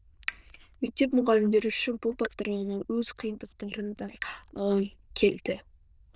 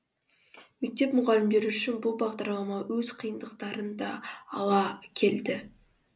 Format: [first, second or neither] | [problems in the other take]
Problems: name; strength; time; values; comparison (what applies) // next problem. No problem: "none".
second | noise reduction (neural diffusion model UNIVERSE++)